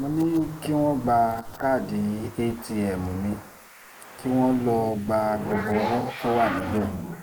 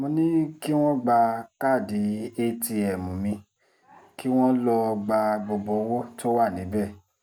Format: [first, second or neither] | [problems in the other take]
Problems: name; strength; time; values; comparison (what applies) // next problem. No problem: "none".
second | noise reduction (neural mask model Resemble Enhance denoiser)